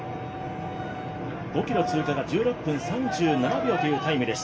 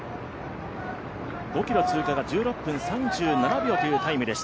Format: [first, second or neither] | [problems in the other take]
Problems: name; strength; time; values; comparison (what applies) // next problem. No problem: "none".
second | background sound (Wind instrument, woodwind instrument); 16 dB below the speech // room echo; dies away in 0.2 s